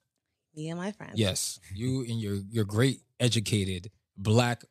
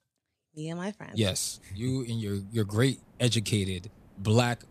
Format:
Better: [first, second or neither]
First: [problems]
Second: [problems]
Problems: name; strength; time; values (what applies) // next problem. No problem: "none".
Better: first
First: none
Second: hiss; faint; from 1.5 s on; 30 dB below the speech